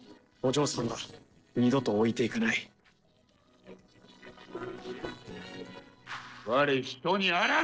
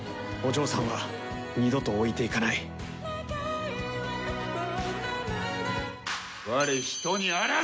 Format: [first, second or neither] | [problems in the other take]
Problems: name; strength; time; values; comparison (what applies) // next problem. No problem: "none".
second | noise reduction (neural separator model SepFormer DNS4)